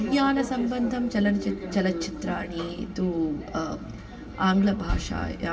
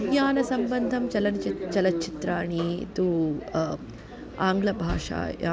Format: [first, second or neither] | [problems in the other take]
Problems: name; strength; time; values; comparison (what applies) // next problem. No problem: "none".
second | room echo; dies away in 1.7 s